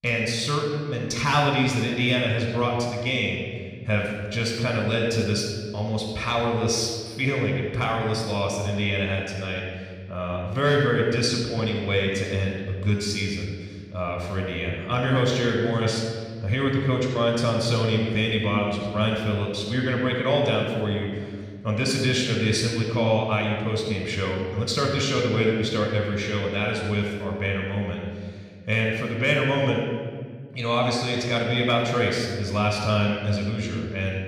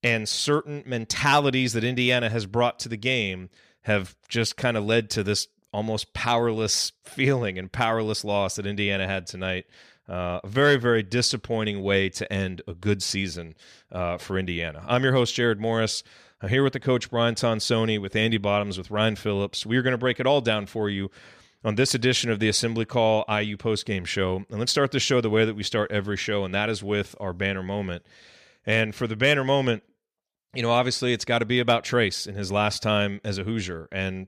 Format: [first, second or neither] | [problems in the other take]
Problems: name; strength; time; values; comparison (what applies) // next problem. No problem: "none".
second | off-mic speech; somewhat distant // room echo; noticeable; dies away in 1.7 s